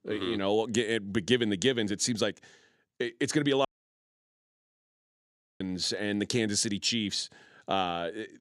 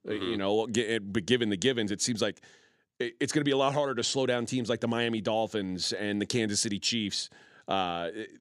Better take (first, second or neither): second